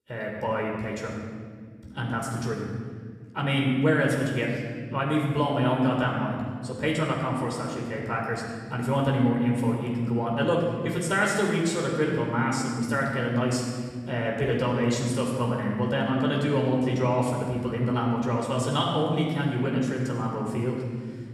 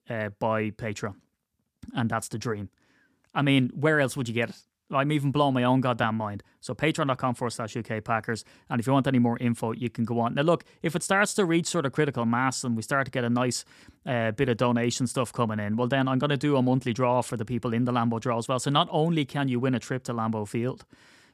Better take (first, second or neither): second